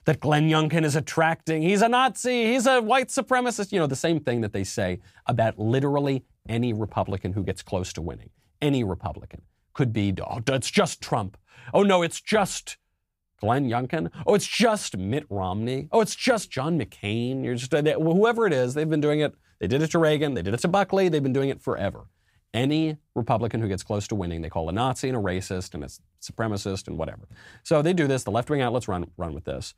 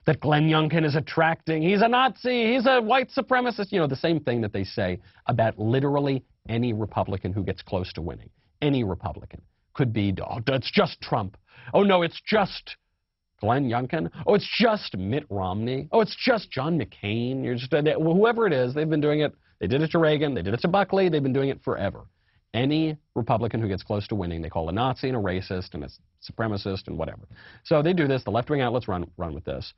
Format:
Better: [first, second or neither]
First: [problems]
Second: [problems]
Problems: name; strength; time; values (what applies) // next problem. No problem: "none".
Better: first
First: none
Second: garbled, watery; badly; nothing above 5.5 kHz